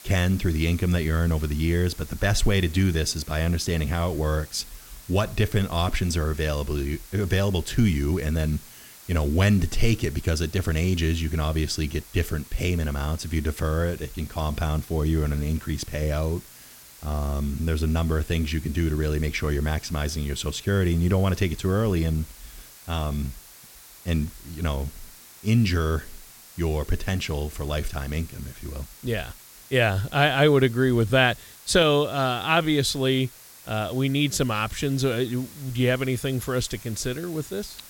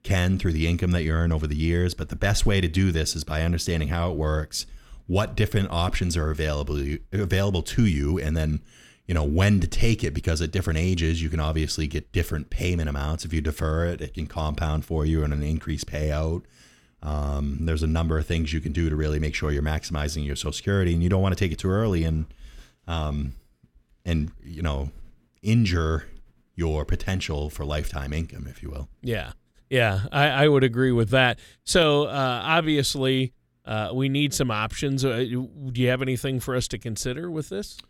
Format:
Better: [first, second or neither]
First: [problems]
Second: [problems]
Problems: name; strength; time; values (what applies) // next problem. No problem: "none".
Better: second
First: hiss; noticeable; throughout; 20 dB below the speech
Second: none